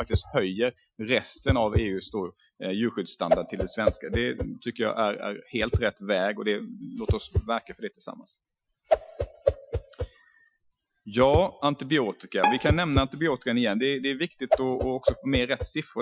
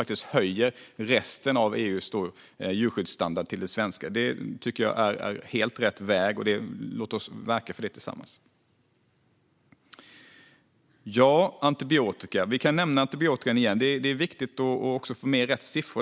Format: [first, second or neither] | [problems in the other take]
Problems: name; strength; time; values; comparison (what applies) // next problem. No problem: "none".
second | noise reduction (classical method Wiener filter)